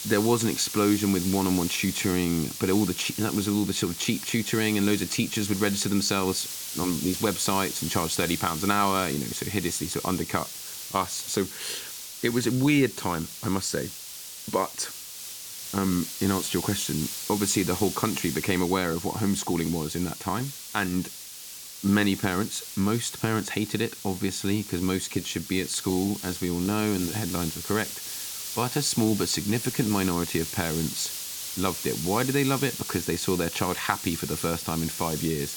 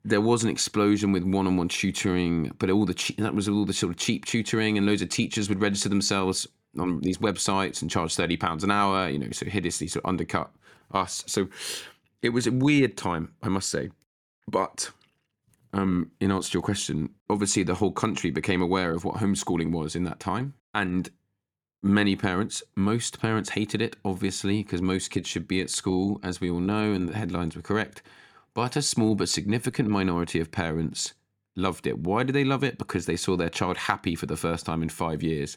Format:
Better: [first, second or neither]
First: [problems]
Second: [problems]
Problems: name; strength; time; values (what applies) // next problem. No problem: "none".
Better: second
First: hiss; loud; throughout; 7 dB below the speech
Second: none